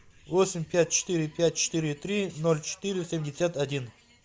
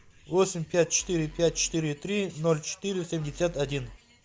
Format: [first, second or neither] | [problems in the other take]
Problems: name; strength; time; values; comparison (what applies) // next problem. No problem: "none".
first | background sound (Bass drum / Keyboard (musical)); 17 dB below the speech